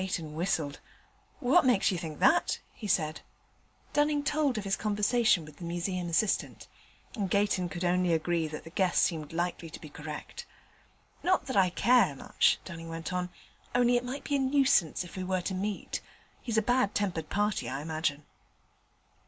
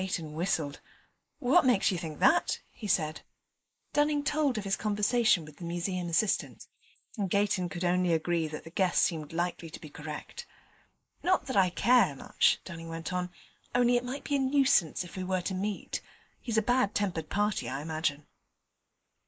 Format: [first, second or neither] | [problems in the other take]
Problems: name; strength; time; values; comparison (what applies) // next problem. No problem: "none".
first | noise reduction (neural mask model Resemble Enhance denoiser)